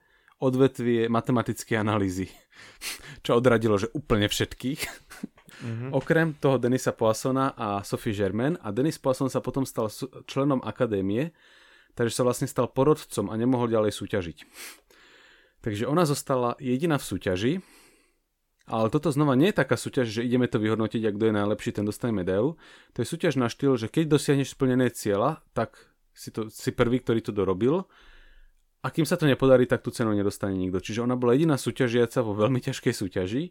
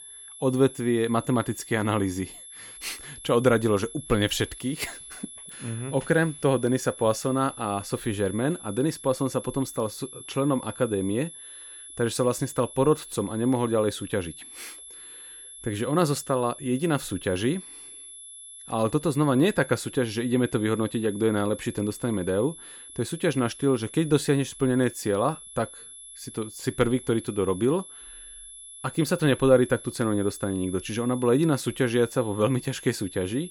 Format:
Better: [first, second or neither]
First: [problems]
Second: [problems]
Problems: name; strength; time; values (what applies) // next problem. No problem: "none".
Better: first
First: none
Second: high-pitched whine; noticeable; throughout; 11 kHz, 15 dB below the speech